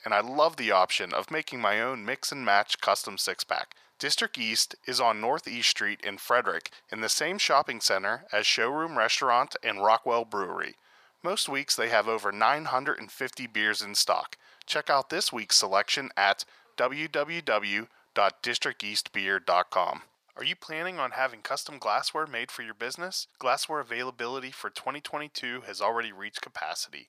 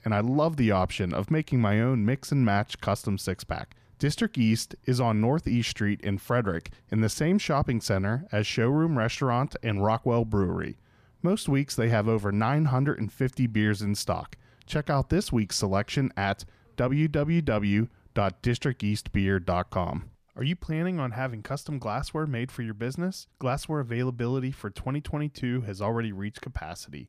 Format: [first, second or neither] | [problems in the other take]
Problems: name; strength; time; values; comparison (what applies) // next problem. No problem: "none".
second | thin; very; fading below 800 Hz